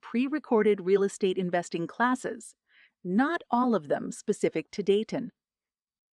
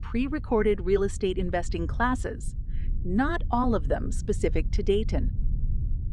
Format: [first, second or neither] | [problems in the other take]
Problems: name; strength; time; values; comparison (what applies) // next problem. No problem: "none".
first | low rumble; faint; throughout; 20 dB below the speech